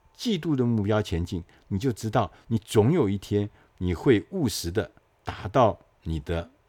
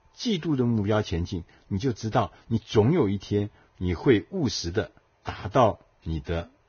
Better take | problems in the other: first | garbled, watery; badly; nothing above 6.5 kHz

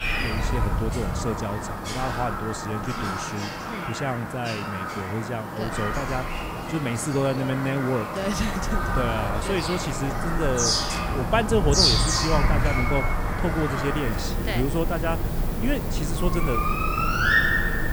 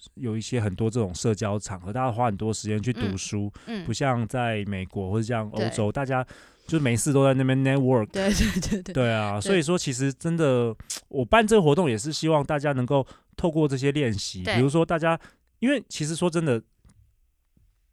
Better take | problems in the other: second | animal sounds; very loud; throughout; 2 dB above the speech

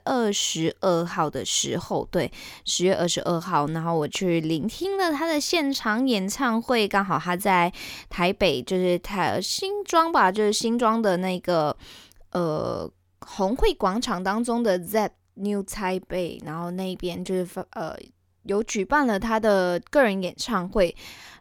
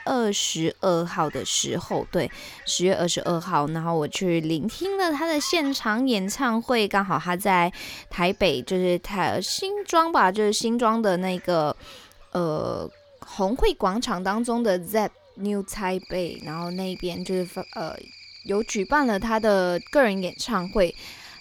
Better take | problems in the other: first | animal sounds; faint; throughout; 20 dB below the speech

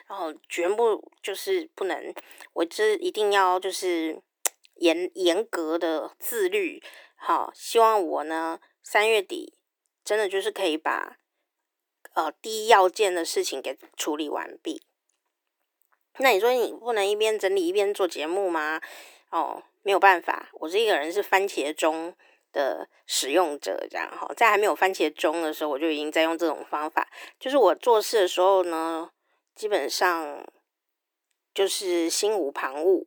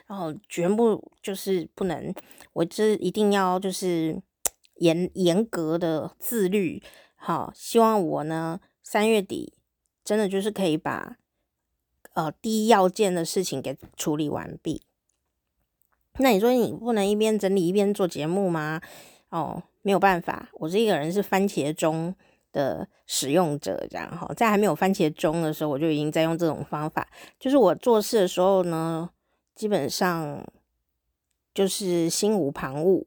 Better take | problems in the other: second | thin; very; fading below 350 Hz

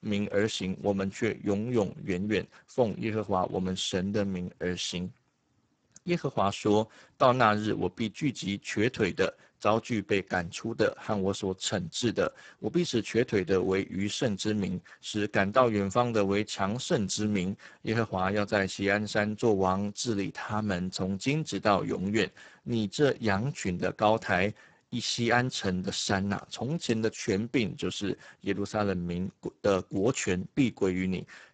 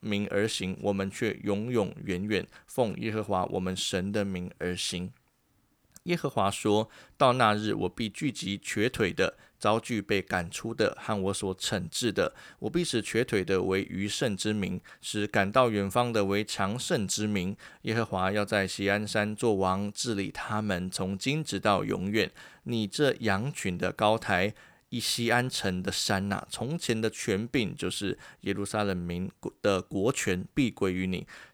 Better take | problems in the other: second | garbled, watery; badly; nothing above 7.5 kHz

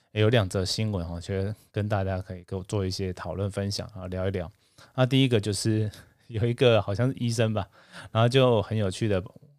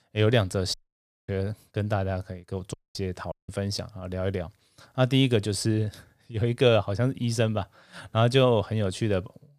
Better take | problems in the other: first | audio cutting out; at 0.5 s for 0.5 s, at 2.5 s and at 3.5 s

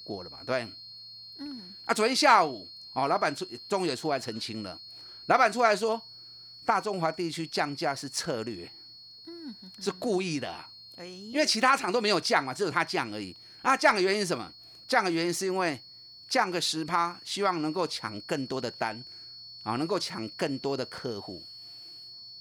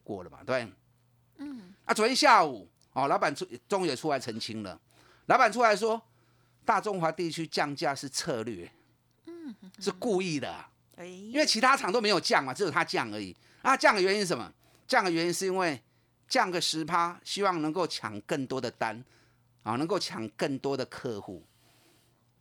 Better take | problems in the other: second | high-pitched whine; noticeable; throughout; 4.5 kHz, 15 dB below the speech

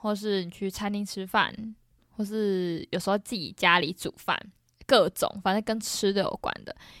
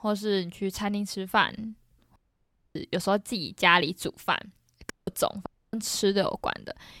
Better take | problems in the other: first | audio cutting out; at 2 s for 0.5 s, at 5 s and at 5.5 s

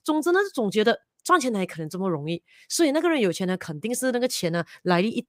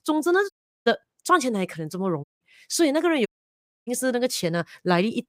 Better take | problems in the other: first | audio cutting out; at 0.5 s, at 2 s and at 3.5 s for 0.5 s

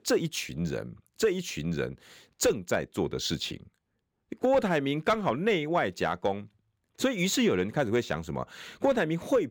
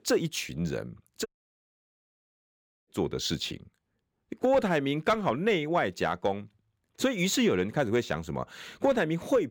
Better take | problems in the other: first | audio cutting out; at 1.5 s for 1.5 s

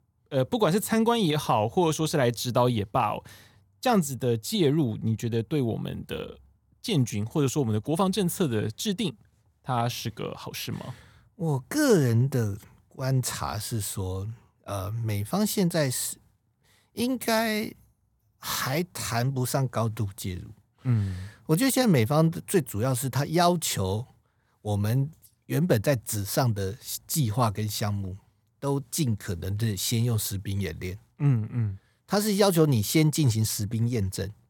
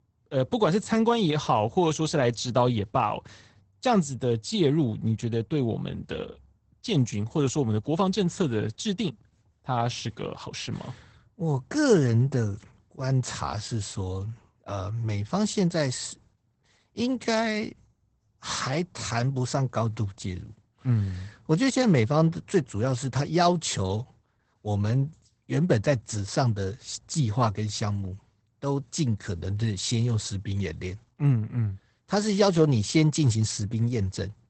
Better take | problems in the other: first | garbled, watery; badly; nothing above 8 kHz

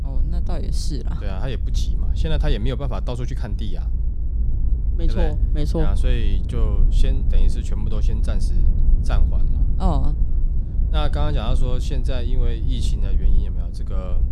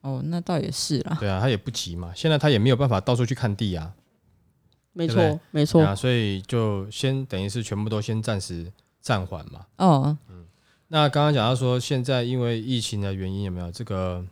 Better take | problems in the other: second | low rumble; loud; throughout; 9 dB below the speech

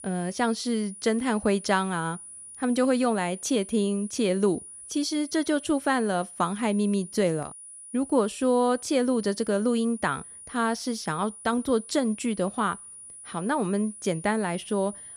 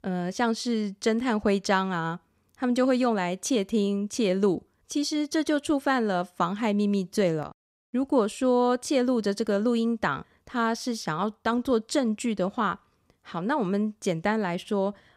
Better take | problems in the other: second | high-pitched whine; noticeable; throughout; 9.5 kHz, 15 dB below the speech

